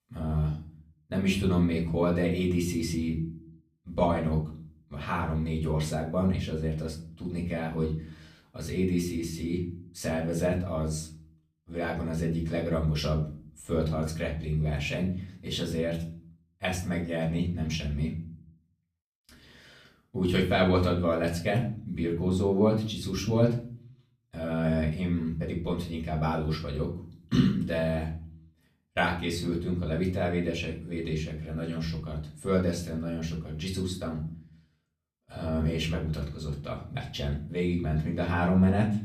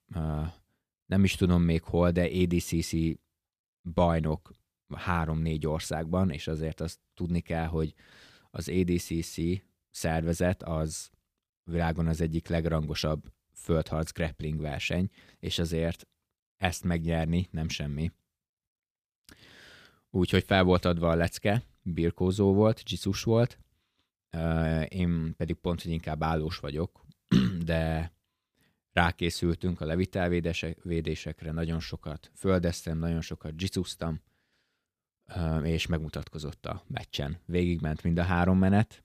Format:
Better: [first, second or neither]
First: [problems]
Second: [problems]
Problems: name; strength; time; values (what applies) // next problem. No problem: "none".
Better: second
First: off-mic speech; far // room echo; slight; dies away in 0.4 s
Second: none